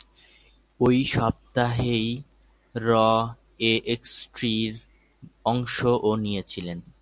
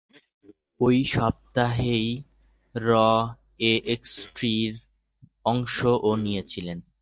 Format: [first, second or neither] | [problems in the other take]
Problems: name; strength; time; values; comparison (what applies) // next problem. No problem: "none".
first | noise reduction (neural mask model DeepFilterNet 3)